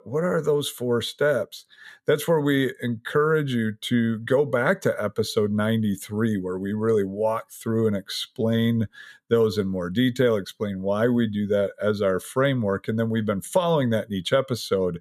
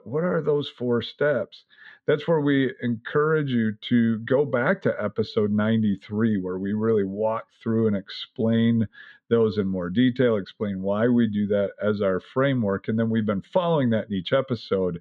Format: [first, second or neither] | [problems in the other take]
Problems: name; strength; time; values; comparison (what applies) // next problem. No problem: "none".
first | muffled; slightly; fading above 3.5 kHz